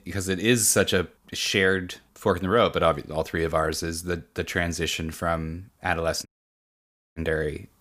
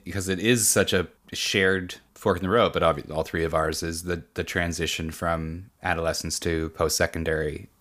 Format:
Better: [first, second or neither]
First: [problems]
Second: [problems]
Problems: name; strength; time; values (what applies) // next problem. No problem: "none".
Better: second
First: audio cutting out; at 6.5 s for 1 s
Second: none